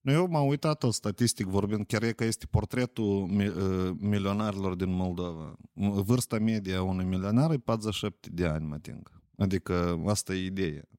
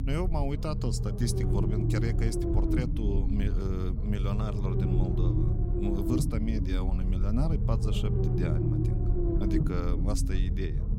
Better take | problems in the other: first | low rumble; loud; throughout; as loud as the speech

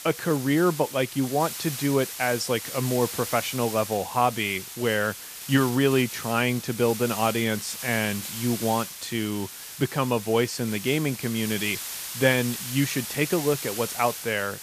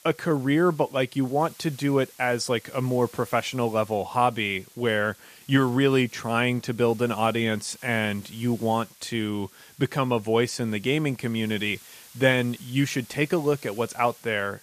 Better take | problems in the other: second | hiss; loud; throughout; 8 dB below the speech; faint in the second

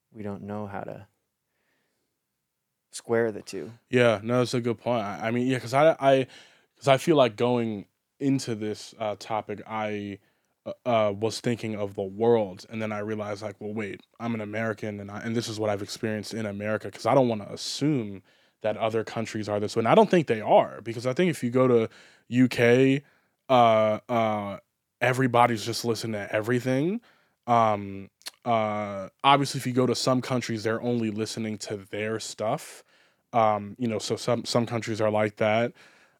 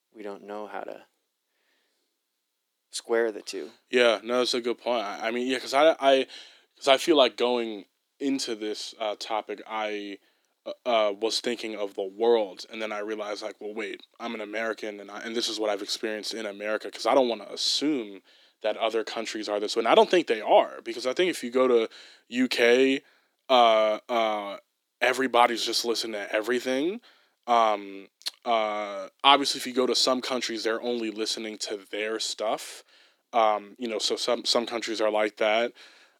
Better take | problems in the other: first | thin; very slightly; fading below 300 Hz

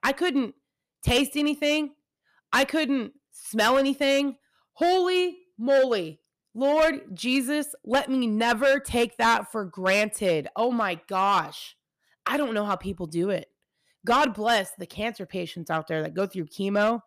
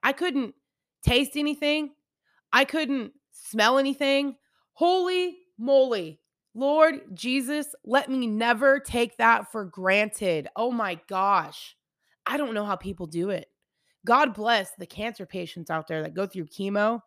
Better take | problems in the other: second | distortion; slight; 4% of the sound clipped

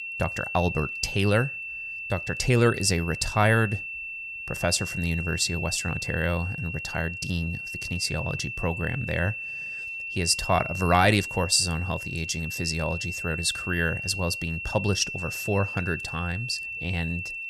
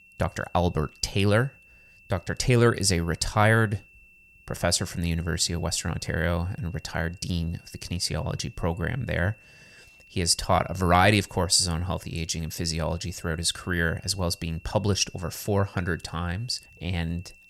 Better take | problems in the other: second | high-pitched whine; loud; throughout; 2.5 kHz, 6 dB below the speech; faint in the second

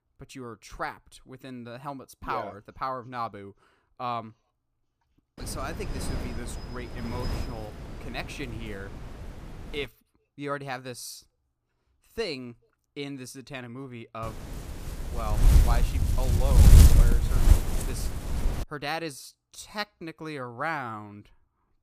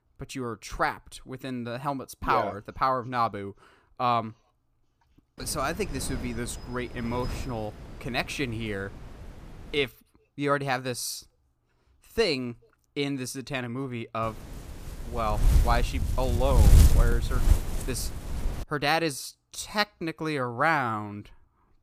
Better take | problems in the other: second | wind noise on the microphone; heavy; from 5.5 to 10 s and from 14 to 19 s; 2 dB below the speech; occasional gusts in the second

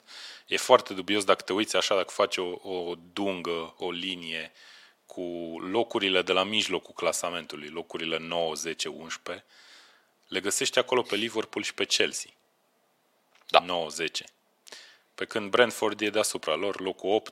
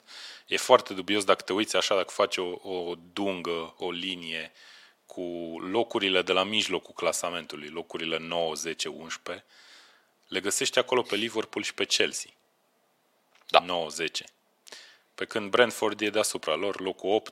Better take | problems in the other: neither | thin; very; fading below 600 Hz; the same in both

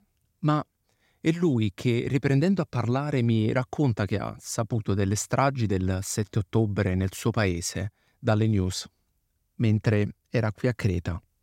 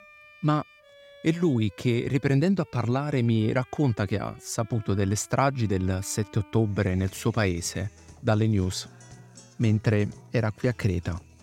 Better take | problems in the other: first | background music; faint; throughout; 25 dB below the speech

